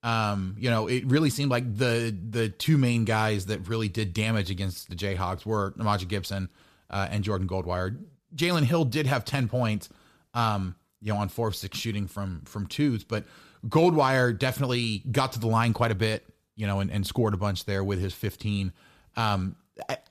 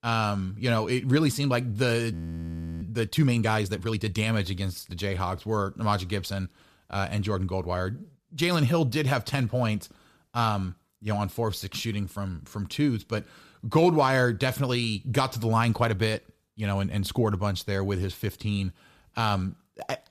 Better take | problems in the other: first | audio freezing; at 2 s for 0.5 s

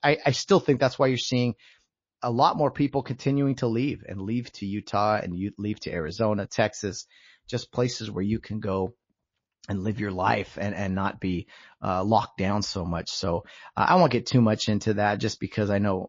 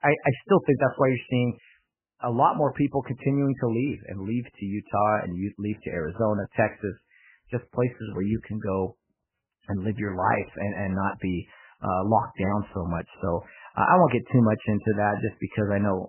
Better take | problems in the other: first | garbled, watery; badly; nothing above 3 kHz; slightly in the first

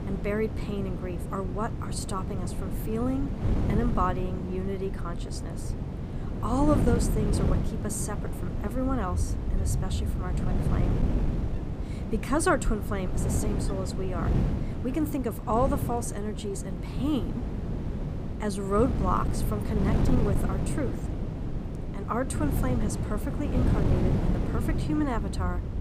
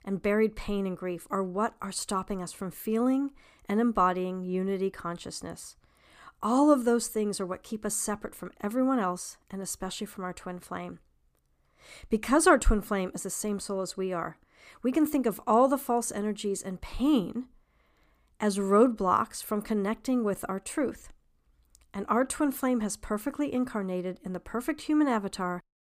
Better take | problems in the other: second | wind noise on the microphone; heavy; 6 dB below the speech

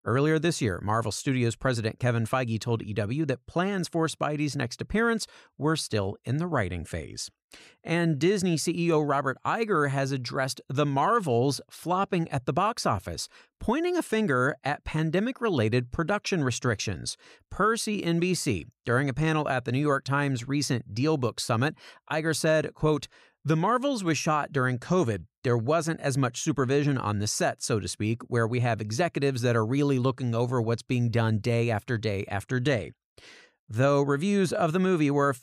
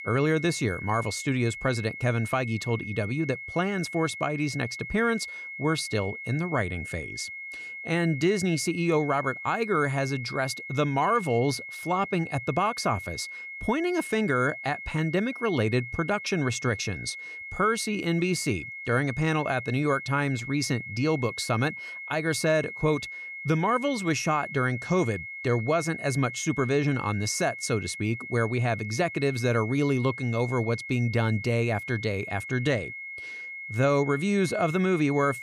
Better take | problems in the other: first | high-pitched whine; loud; throughout; 2 kHz, 9 dB below the speech

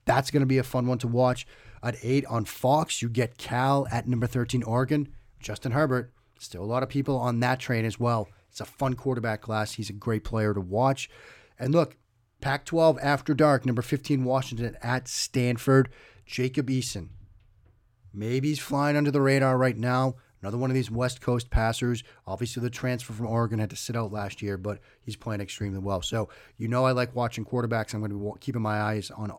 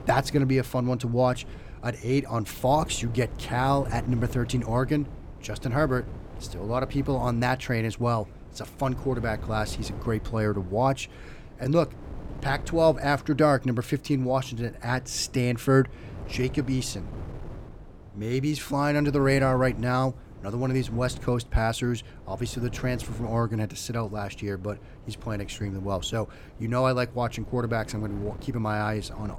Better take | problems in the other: first | wind noise on the microphone; occasional gusts; 20 dB below the speech

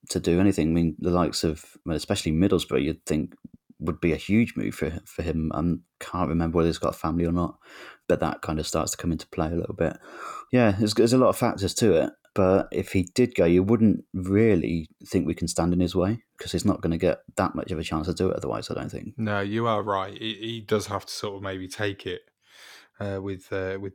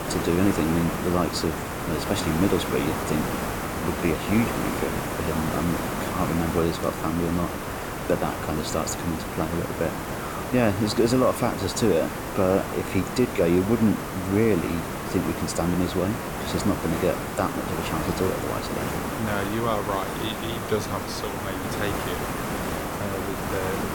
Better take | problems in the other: first | hiss; loud; throughout; 3 dB below the speech

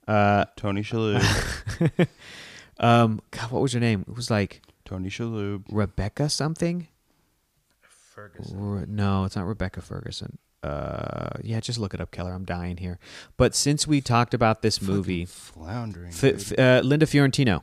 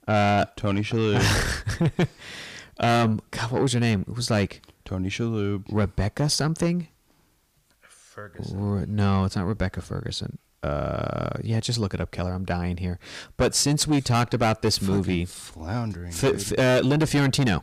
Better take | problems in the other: first | distortion; heavy; 8 dB below the speech

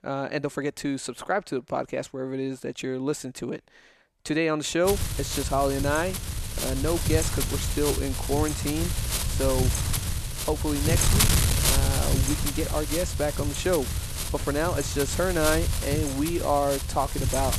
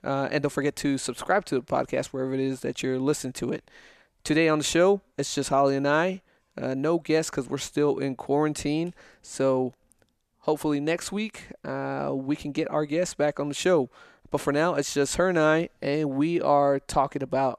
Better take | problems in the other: second | wind noise on the microphone; heavy; from 5 s on; 3 dB below the speech

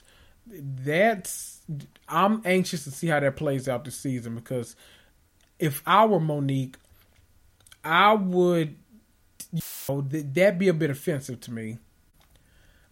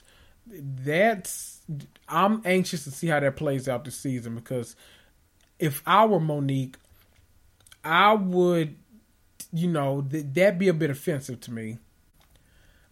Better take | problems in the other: second | audio cutting out; filled with static; at 9.5 s

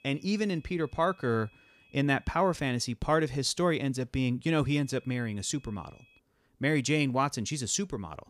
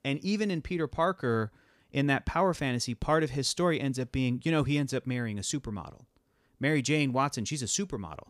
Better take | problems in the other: second | high-pitched whine; faint; until 3 s and from 4.5 to 6 s; 2.5 kHz, 30 dB below the speech

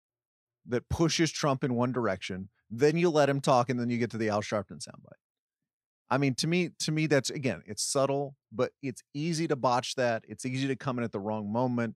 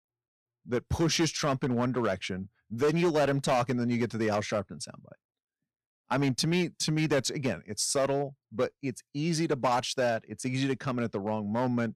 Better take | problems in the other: first | distortion; slight; 5% of the sound clipped

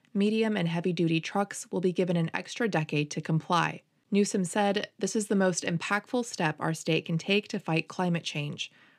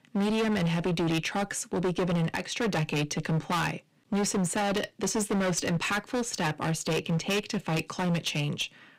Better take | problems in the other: first | distortion; heavy; 23% of the sound clipped

